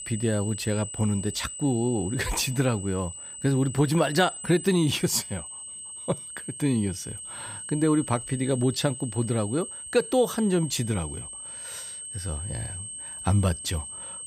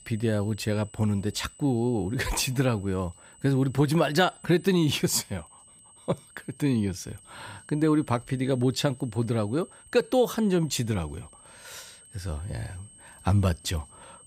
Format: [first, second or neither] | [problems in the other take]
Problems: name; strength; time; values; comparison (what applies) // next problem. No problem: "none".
second | high-pitched whine; loud; throughout; 8 kHz, 9 dB below the speech; faint in the second